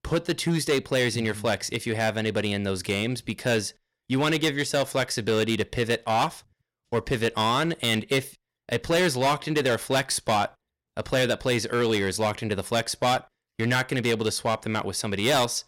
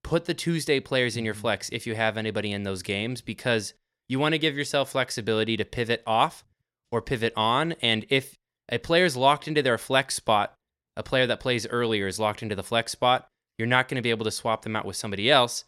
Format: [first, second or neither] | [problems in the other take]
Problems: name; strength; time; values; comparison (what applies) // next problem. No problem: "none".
second | distortion; heavy; 9% of the sound clipped